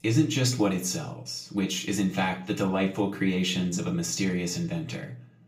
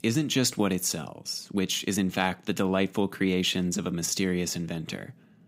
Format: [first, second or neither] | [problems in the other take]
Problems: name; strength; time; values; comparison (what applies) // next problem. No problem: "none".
second | room echo; slight; dies away in 0.3 s // off-mic speech; far